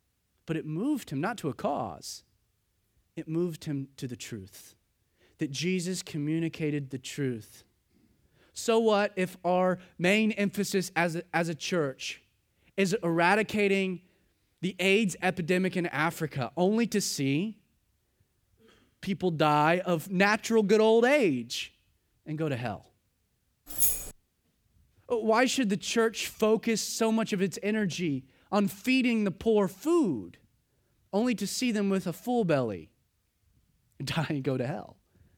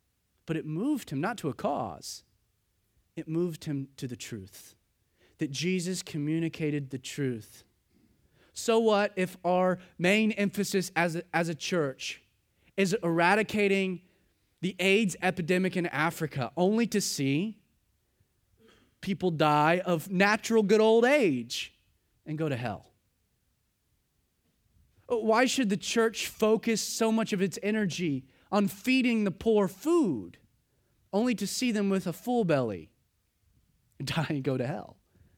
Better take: second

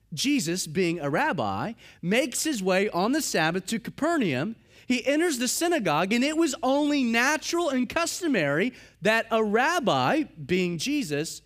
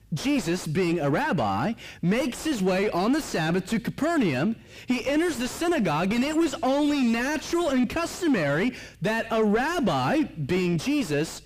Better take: first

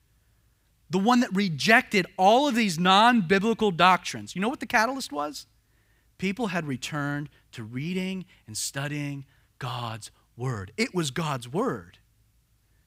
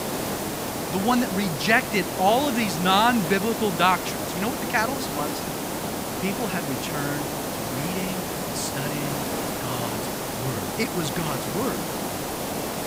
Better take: first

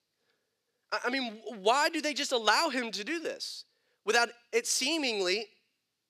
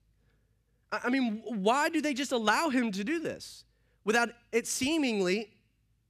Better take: second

